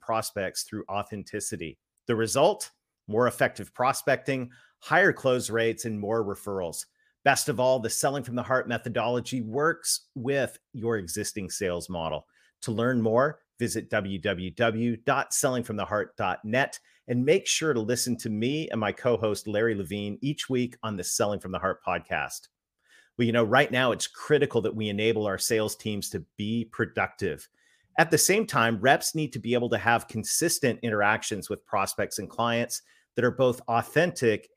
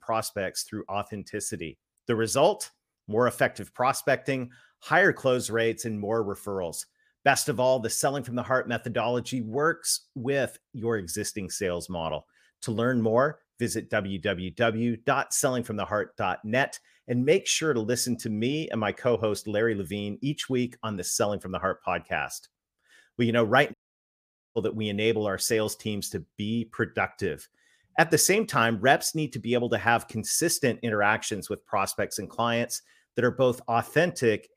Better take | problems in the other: first | audio cutting out; at 24 s for 1 s

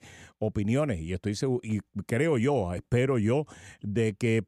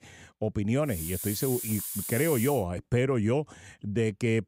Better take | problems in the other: first | hiss; loud; from 1 to 2.5 s; 5 dB below the speech

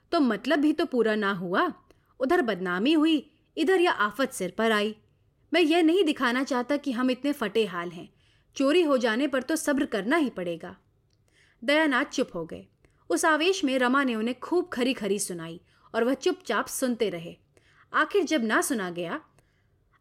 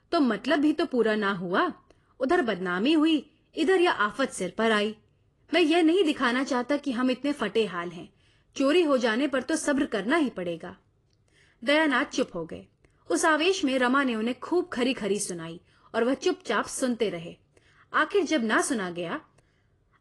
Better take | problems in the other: first | garbled, watery; slightly; nothing above 10.5 kHz

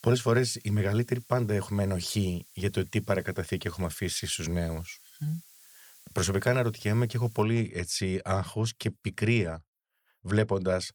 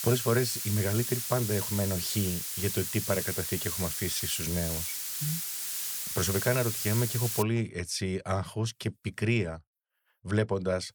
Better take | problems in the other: first | hiss; loud; until 7.5 s; 1 dB below the speech; faint in the first

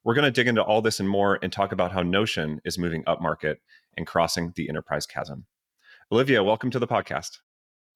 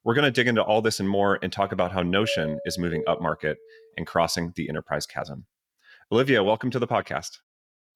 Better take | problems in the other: first | doorbell; noticeable; from 2 to 3.5 s; peak 7 dB below the speech

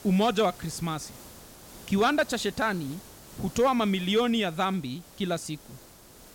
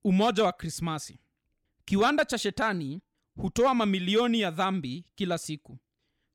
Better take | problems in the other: second | hiss; faint; throughout; 20 dB below the speech

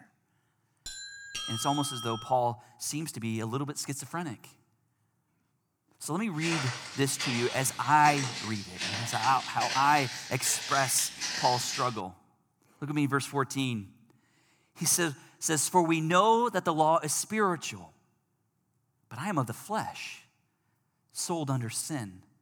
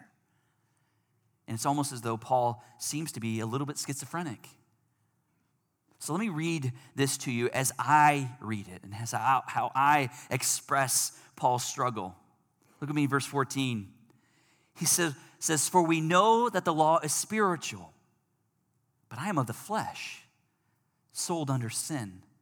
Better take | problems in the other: second | doorbell; noticeable; from 1 to 2.5 s; peak 5 dB below the speech // footsteps; noticeable; from 6.5 to 12 s; peak 2 dB below the speech

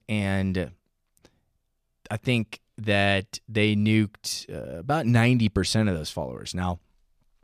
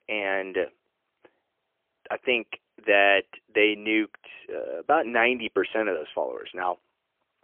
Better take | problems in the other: first | phone-call audio; poor line; nothing above 3 kHz

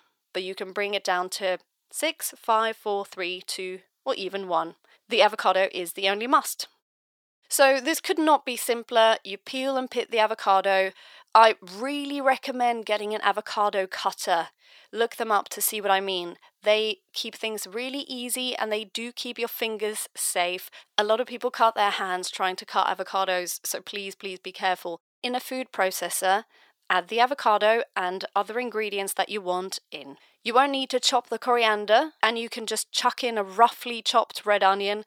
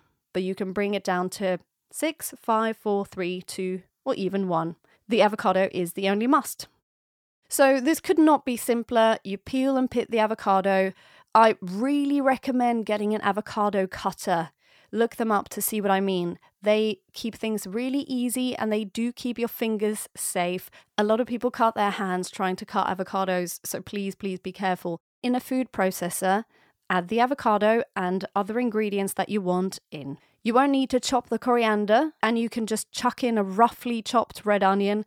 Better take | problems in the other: second | thin; somewhat; fading below 500 Hz

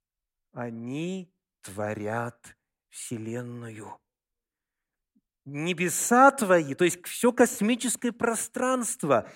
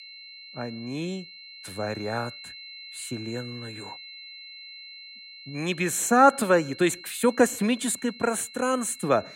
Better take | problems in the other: first | high-pitched whine; noticeable; throughout; 4 kHz, 15 dB below the speech

